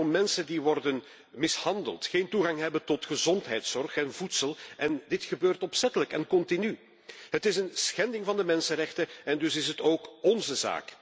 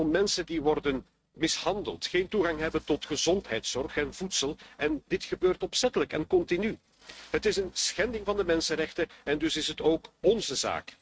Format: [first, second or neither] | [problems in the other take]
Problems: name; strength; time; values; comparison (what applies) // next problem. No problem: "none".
first | noise reduction (neural mask model RNNoise)